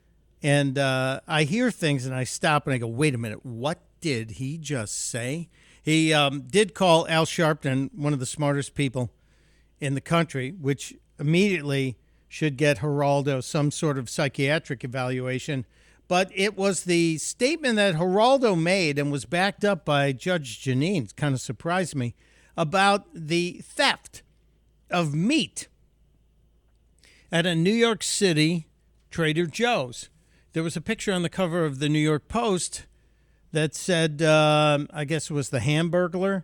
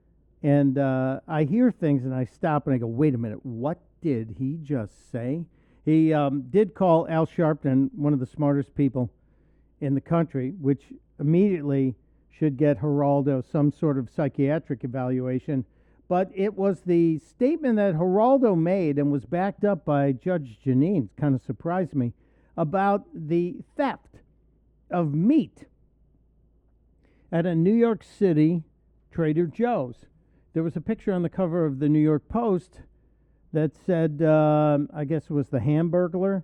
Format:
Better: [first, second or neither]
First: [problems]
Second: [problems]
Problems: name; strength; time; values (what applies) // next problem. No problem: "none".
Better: first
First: none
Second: muffled; very; fading above 2 kHz